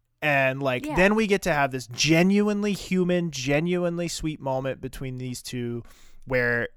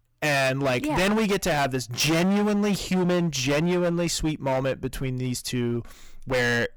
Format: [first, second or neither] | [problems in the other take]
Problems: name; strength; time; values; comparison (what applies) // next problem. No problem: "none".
first | distortion; heavy; 22% of the sound clipped